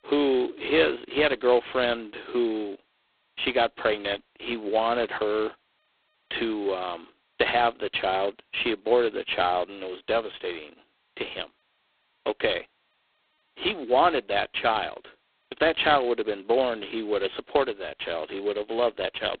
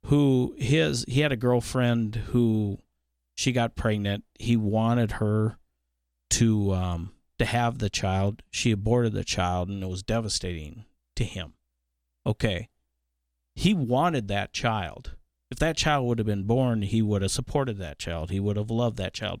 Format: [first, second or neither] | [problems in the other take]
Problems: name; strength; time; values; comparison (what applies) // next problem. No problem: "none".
second | phone-call audio; poor line; nothing above 3.5 kHz